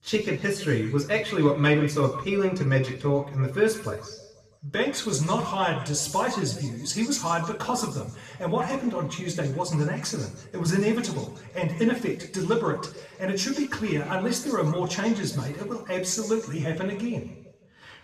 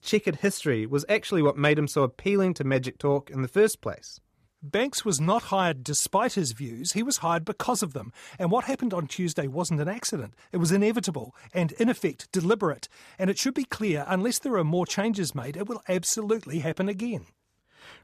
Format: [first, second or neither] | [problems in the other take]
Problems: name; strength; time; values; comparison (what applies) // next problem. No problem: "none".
second | room echo; noticeable; dies away in 1 s // off-mic speech; far